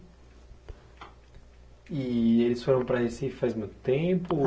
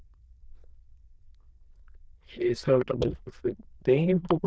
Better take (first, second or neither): first